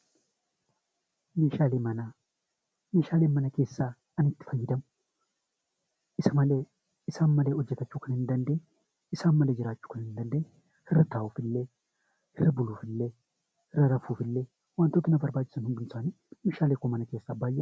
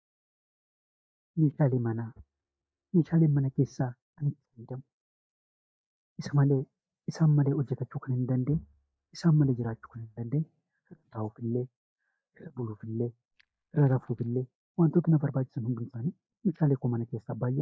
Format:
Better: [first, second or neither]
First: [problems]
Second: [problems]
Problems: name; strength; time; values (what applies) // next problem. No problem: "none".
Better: first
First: none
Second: noise reduction (neural mask model DeepFilterNet 3)